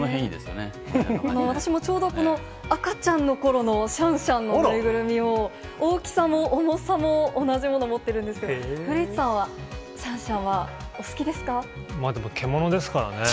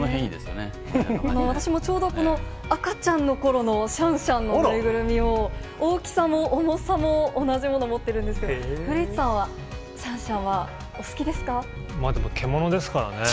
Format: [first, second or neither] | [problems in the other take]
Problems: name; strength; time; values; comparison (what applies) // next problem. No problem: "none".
first | background sound (Purr); 9 dB below the speech